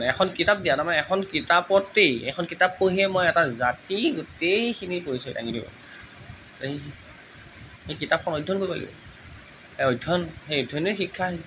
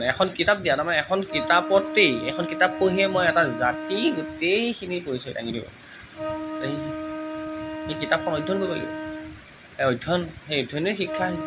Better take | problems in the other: first | background sound (Wind instrument, woodwind instrument); 9 dB below the speech

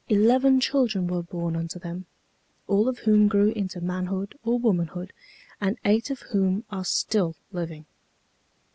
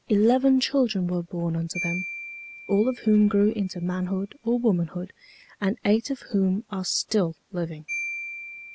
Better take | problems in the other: first | background sound (Marimba, xylophone); 15 dB below the speech

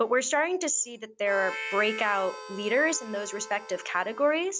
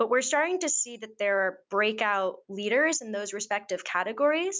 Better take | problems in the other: second | background sound (Harmonica); 13 dB below the speech

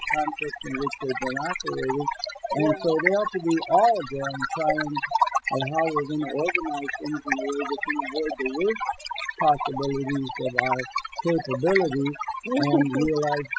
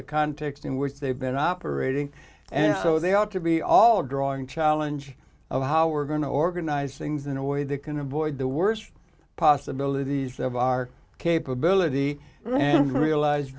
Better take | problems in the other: second | noise reduction (classical method spectral subtraction)

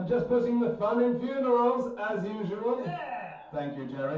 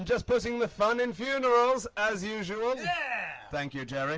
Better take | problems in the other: second | room echo; dies away in 0.6 s

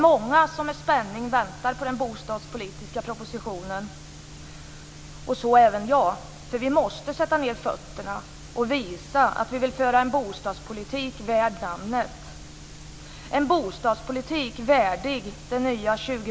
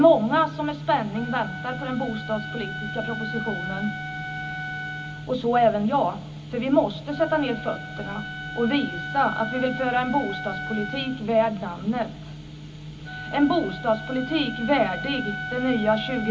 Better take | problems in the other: first | background sound (Wind instrument, woodwind instrument); 11 dB below the speech // room echo; dies away in 0.4 s

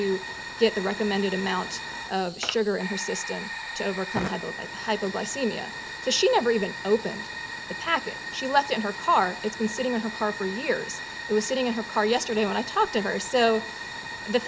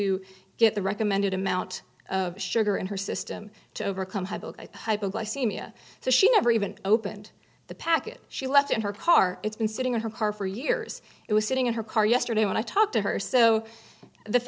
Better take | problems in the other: second | background sound (Fire); 9 dB below the speech

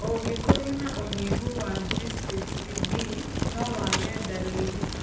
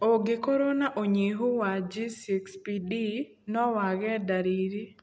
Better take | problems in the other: second | background sound (Fire); 4 dB above the speech // room echo; dies away in 0.8 s

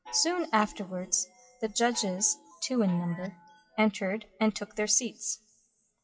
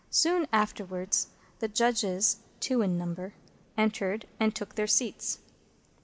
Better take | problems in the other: second | noise reduction (classical method WPE with log-MMSE)

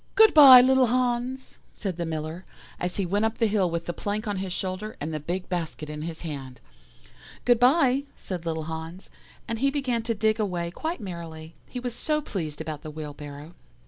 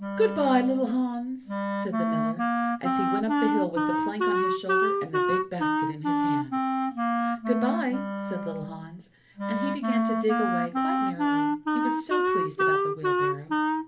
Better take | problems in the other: first | background sound (Wind instrument, woodwind instrument); 4 dB above the speech // room echo; dies away in 0.3 s

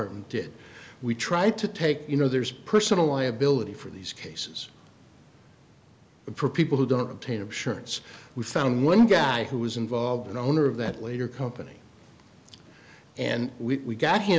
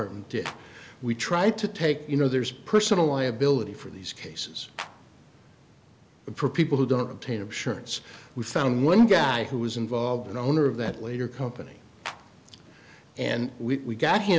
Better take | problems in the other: first | background sound (Clapping); 14 dB below the speech

